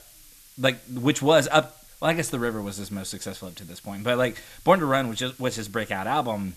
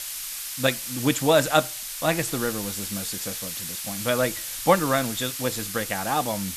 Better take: first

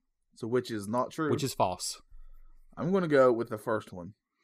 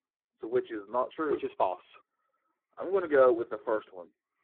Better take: first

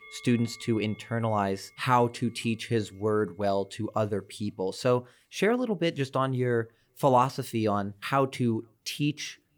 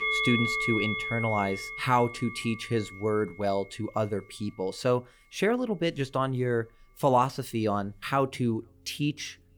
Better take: first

